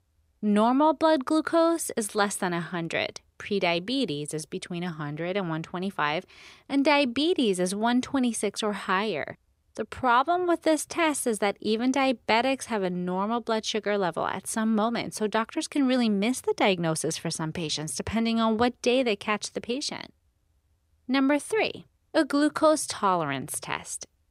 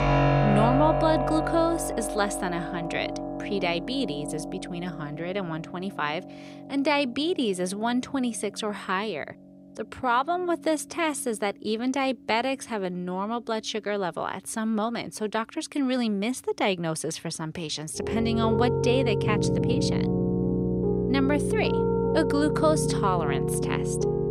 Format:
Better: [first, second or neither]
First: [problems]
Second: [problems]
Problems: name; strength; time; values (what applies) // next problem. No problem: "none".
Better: first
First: none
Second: background music; very loud; throughout; 1 dB above the speech